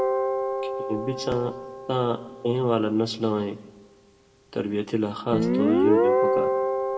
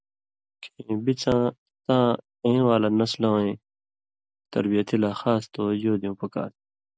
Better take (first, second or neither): second